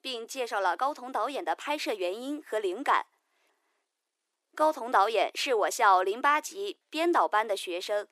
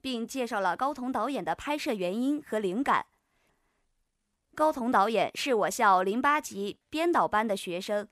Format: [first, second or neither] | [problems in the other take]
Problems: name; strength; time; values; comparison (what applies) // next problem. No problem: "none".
second | thin; somewhat; fading below 350 Hz